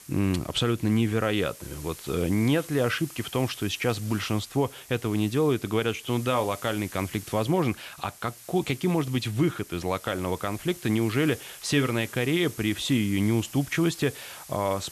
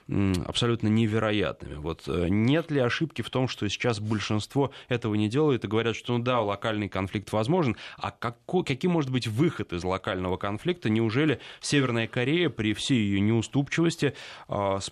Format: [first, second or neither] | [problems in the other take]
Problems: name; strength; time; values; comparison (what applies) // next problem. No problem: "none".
second | hiss; noticeable; throughout; 15 dB below the speech